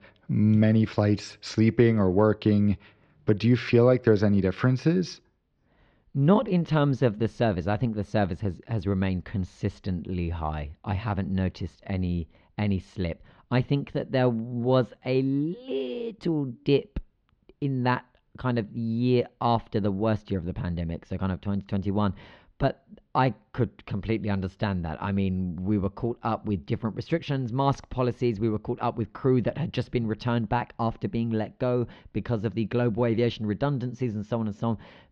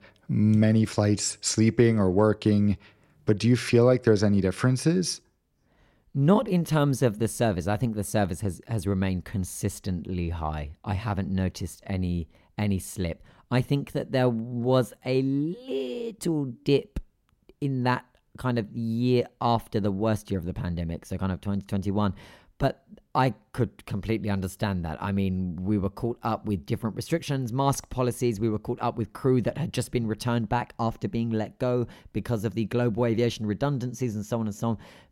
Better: second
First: muffled; slightly; fading above 4 kHz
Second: none

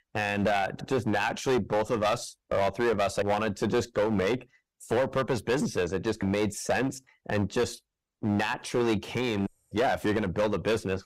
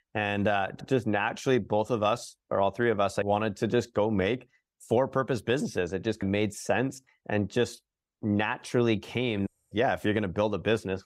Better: second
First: distortion; heavy; 10% of the sound clipped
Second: none

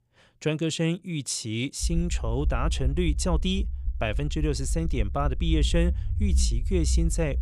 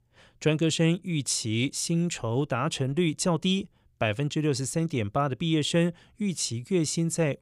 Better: second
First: low rumble; noticeable; from 2 s on; 20 dB below the speech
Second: none

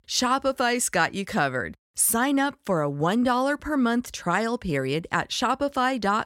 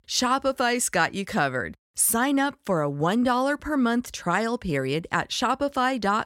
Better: neither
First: none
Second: none

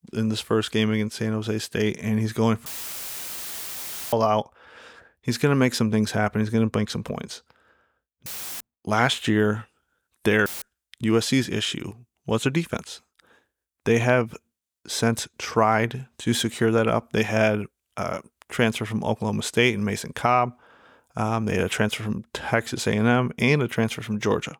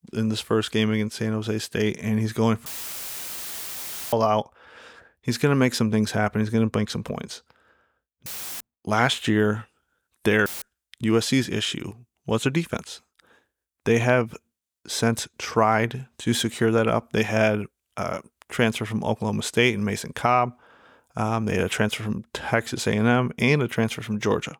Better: neither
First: audio cutting out; filled with static; at 2.5 s for 1.5 s, at 8.5 s and at 10 s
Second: audio cutting out; filled with static; at 2.5 s for 1.5 s, at 8.5 s and at 10 s

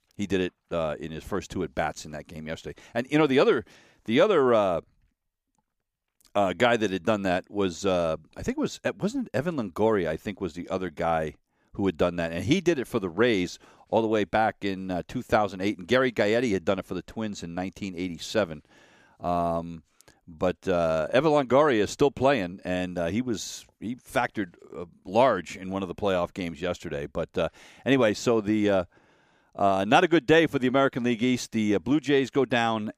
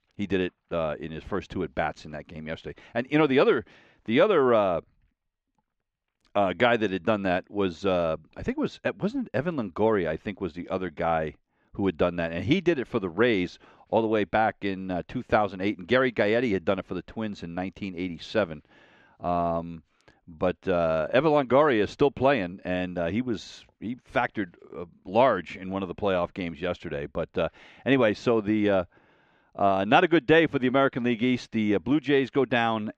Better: first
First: none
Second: muffled; slightly; fading above 3 kHz

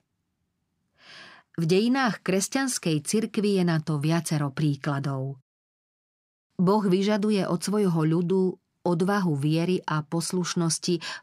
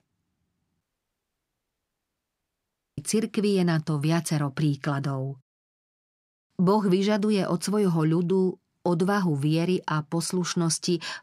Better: first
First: none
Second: audio cutting out; at 1 s for 2 s

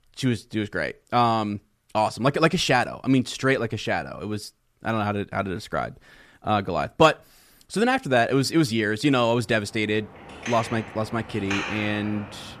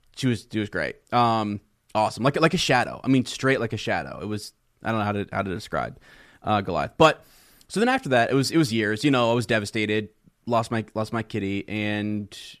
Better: second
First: traffic noise; noticeable; from 9.5 s on; 10 dB below the speech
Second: none

